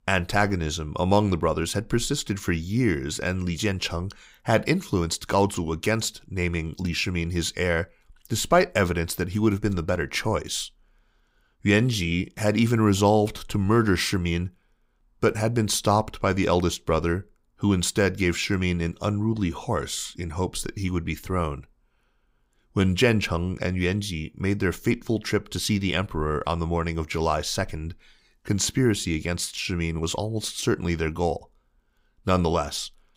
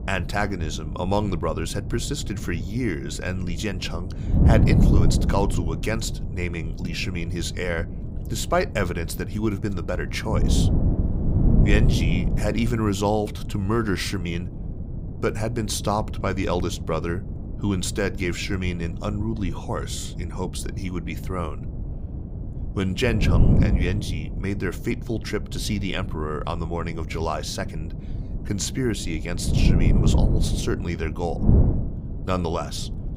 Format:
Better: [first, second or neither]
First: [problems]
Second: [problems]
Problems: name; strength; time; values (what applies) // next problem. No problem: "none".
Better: first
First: none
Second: wind noise on the microphone; heavy; 8 dB below the speech